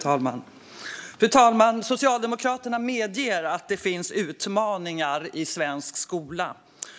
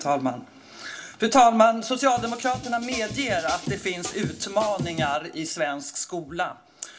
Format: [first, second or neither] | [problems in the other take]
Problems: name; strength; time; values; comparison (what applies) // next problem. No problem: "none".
first | background sound (Drum kit); 9 dB below the speech // room echo; dies away in 0.2 s